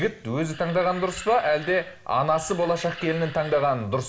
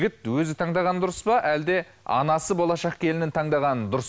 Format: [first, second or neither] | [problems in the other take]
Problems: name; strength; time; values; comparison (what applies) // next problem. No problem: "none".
second | background sound (Animal); 17 dB below the speech // room echo; dies away in 0.6 s